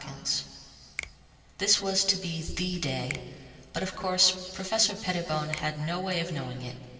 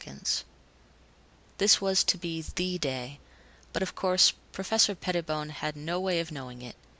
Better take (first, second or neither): second